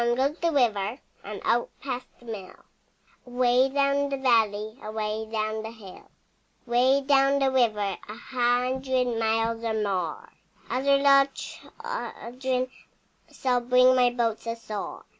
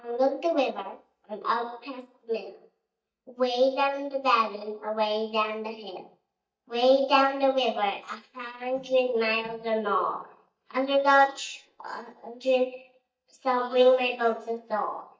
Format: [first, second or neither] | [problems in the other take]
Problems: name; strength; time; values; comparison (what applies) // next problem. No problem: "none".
first | noise reduction (neural mask model DeepFilterNet 3)